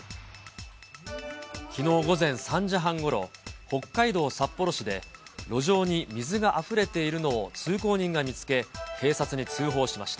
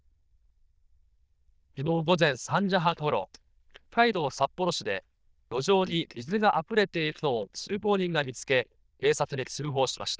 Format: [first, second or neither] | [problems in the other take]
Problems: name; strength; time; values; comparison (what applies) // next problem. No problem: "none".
first | noise reduction (neural diffusion model UNIVERSE++)